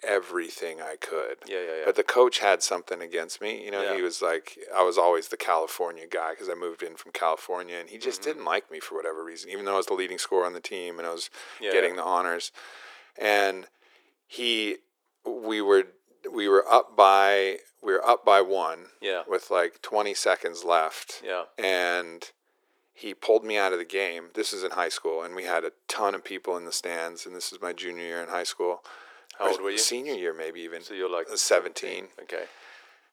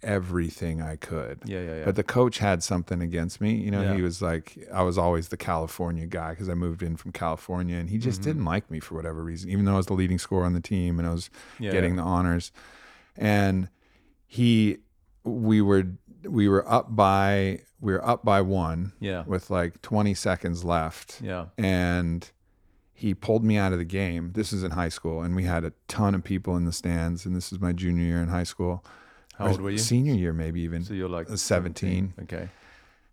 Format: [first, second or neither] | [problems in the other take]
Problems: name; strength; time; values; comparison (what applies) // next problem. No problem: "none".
second | thin; very; fading below 400 Hz